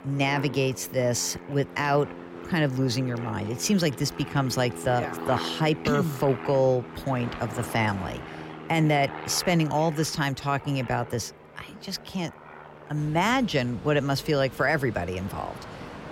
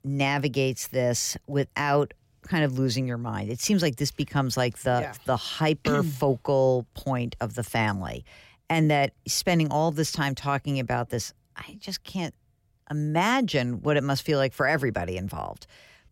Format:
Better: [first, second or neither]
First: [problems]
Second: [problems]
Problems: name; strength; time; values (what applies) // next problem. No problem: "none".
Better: second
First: train or aircraft noise; noticeable; throughout; 15 dB below the speech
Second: none